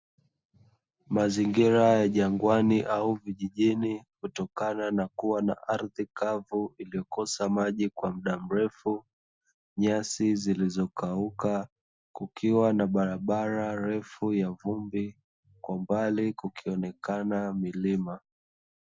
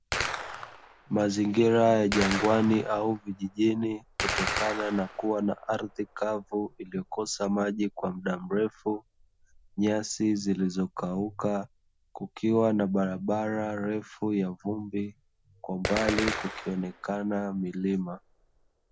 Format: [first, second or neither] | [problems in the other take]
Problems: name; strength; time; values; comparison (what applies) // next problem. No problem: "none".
first | background sound (Gunshot, gunfire); 10 dB below the speech